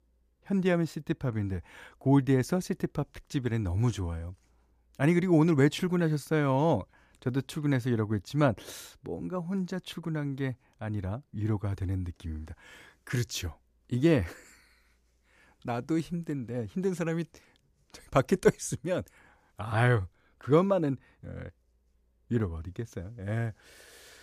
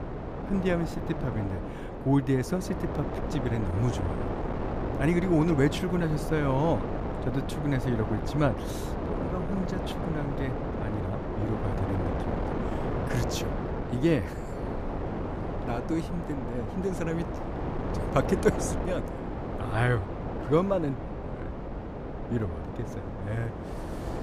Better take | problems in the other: first | wind noise on the microphone; heavy; 3 dB below the speech

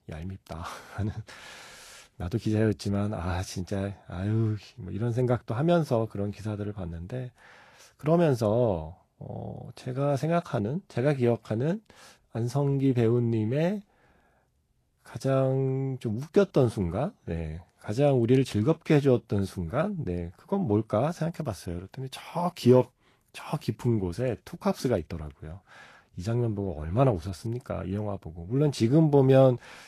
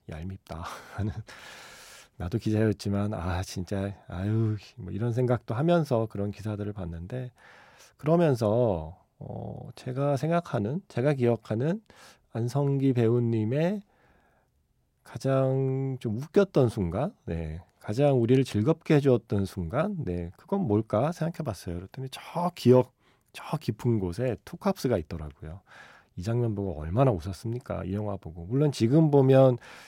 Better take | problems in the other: second | garbled, watery; slightly; nothing above 12.5 kHz

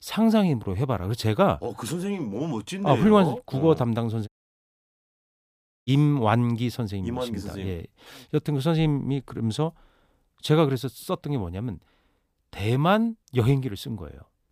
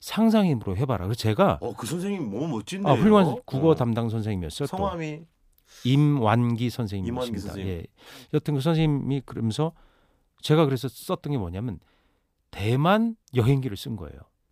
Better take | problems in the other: second | audio cutting out; at 4.5 s for 1.5 s

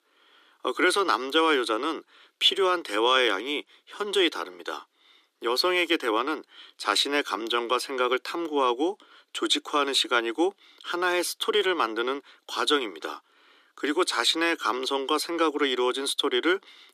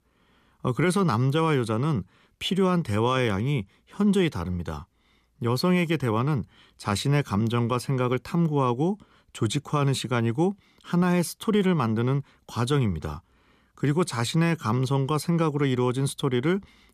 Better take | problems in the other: second | thin; very; fading below 300 Hz

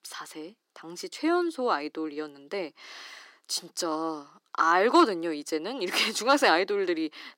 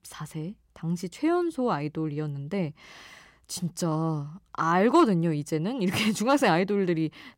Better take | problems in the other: second | thin; somewhat; fading below 300 Hz

